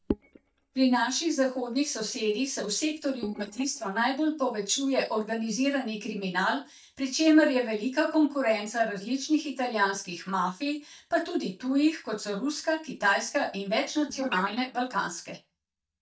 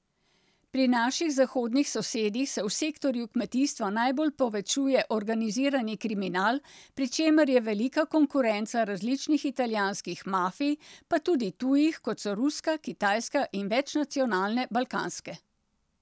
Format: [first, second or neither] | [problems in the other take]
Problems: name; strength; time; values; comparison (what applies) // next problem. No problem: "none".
second | noise reduction (neural mask model DeepFilterNet 3)